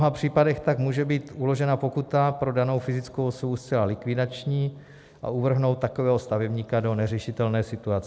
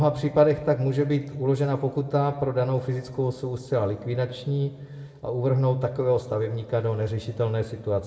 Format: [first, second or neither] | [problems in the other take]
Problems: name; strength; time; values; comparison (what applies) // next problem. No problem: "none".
first | room echo; dies away in 1.1 s